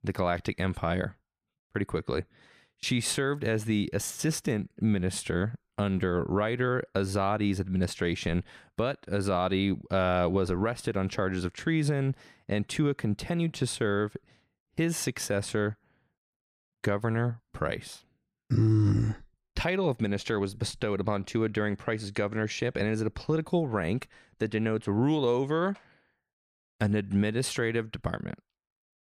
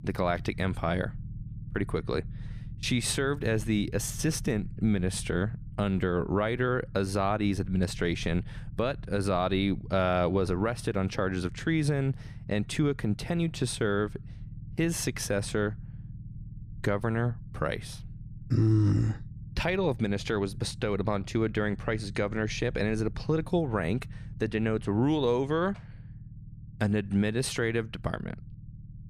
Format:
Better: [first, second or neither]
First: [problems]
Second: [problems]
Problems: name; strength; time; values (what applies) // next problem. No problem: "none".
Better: first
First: none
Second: low rumble; faint; throughout; 25 dB below the speech